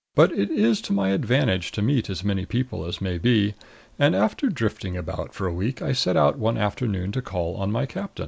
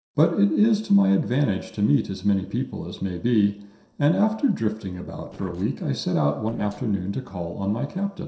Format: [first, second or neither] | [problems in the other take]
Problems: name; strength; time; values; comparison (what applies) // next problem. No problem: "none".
first | noise reduction (neural separator model SepFormer DNS4)